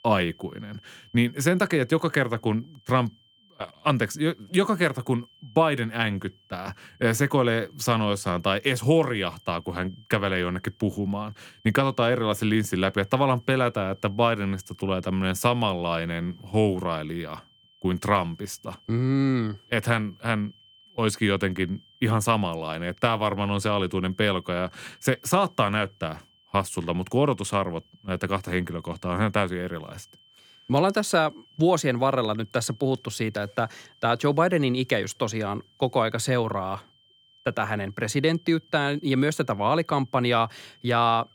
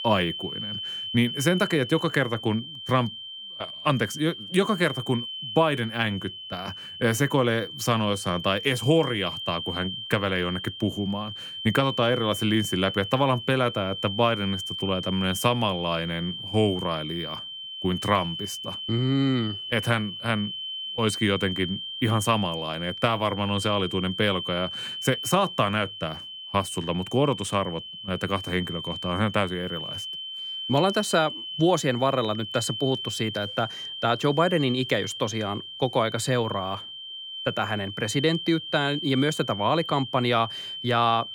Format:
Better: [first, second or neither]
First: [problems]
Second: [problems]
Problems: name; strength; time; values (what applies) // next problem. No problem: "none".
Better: first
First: high-pitched whine; faint; throughout; 3 kHz, 30 dB below the speech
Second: high-pitched whine; loud; throughout; 3 kHz, 7 dB below the speech